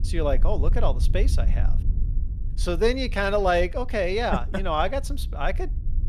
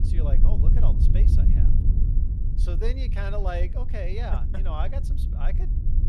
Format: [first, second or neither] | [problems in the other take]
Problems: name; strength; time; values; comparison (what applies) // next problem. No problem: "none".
first | low rumble; loud; throughout; 5 dB below the speech; faint in the first